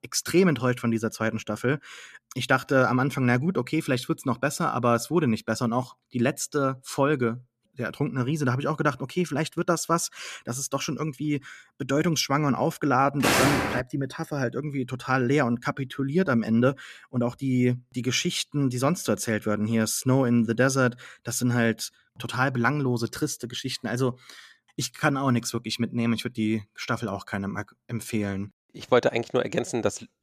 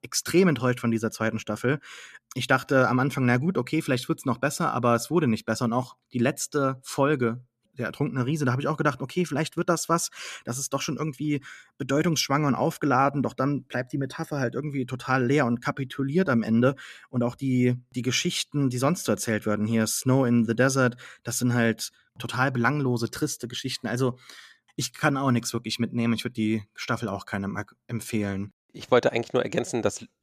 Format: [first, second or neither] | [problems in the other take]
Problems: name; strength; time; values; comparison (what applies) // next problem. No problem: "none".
second | footsteps; loud; at 13 s; peak 5 dB above the speech